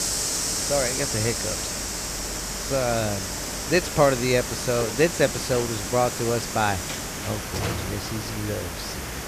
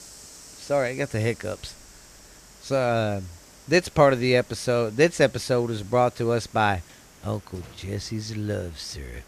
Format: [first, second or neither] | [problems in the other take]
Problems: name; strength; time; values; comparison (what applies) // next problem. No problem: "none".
second | hiss; loud; throughout; 2 dB below the speech; faint in the second